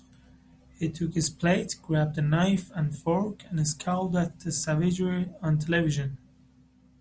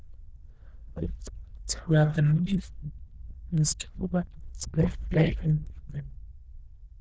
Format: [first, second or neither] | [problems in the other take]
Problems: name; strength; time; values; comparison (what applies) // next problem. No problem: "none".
first | noise reduction (neural diffusion model UNIVERSE++)